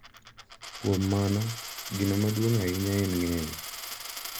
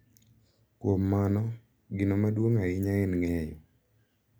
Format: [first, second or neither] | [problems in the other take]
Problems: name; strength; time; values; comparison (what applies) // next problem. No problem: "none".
second | background sound (Coin (dropping)); 10 dB below the speech